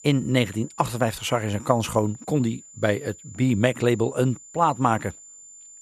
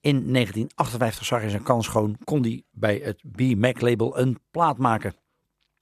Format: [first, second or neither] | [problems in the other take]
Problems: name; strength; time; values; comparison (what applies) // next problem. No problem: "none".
second | high-pitched whine; noticeable; throughout; 7 kHz, 20 dB below the speech